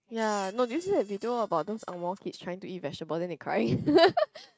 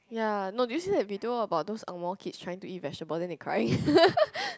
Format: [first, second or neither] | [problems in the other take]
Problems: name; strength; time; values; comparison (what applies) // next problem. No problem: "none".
second | noise reduction (neural mask model RNNoise)